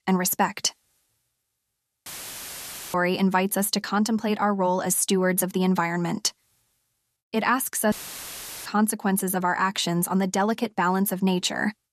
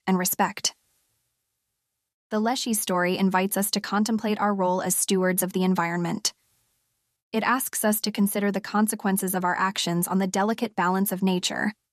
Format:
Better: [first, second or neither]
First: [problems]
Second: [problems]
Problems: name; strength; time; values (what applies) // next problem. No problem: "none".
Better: second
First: audio cutting out; filled with static; at 2 s for 1 s and at 8 s for 0.5 s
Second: none